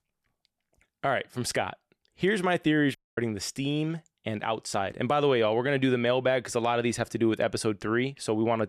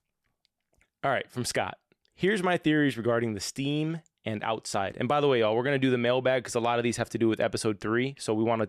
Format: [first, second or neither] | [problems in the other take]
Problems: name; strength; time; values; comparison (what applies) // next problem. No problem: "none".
second | audio cutting out; at 3 s